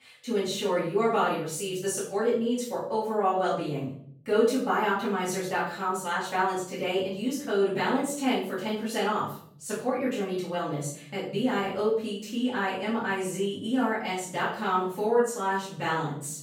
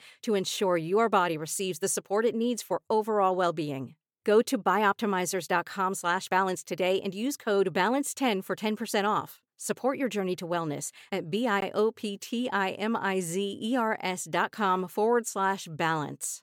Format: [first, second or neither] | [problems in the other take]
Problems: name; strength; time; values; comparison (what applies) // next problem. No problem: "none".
second | room echo; noticeable; dies away in 0.6 s // off-mic speech; far